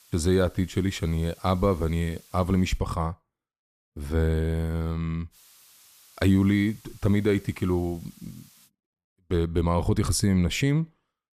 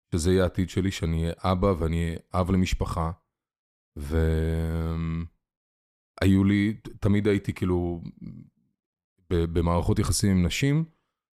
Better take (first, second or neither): second